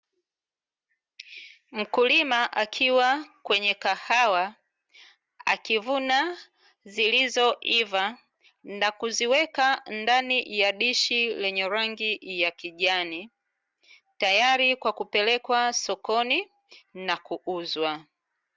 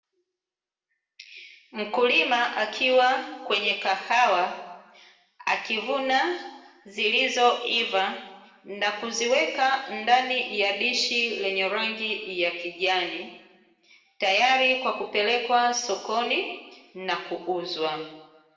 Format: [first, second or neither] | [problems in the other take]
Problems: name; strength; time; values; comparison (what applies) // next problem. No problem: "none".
first | room echo; dies away in 1 s